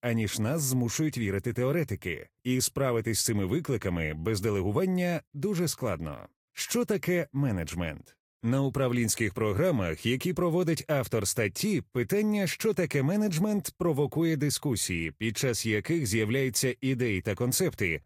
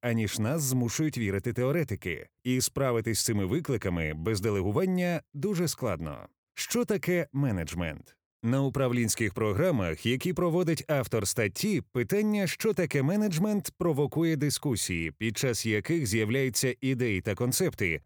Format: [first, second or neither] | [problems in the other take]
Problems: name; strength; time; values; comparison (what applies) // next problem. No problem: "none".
second | garbled, watery; slightly; nothing above 14.5 kHz